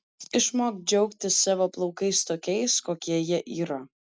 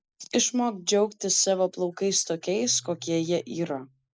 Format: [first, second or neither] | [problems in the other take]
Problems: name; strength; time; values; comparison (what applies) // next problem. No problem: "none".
first | noise reduction (neural mask model Resemble Enhance denoiser)